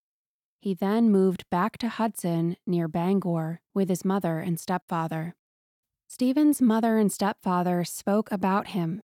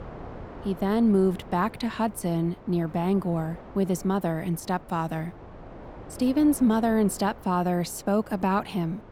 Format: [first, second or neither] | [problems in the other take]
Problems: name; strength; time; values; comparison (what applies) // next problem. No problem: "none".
first | wind noise on the microphone; occasional gusts; 15 dB below the speech